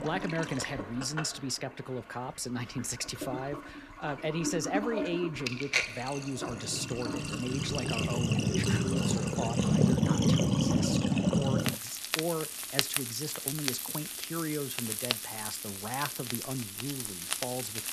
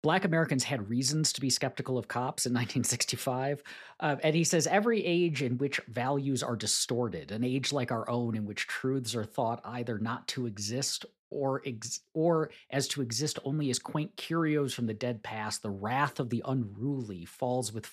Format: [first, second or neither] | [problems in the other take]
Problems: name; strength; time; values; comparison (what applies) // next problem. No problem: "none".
second | household noises; very loud; throughout; 5 dB above the speech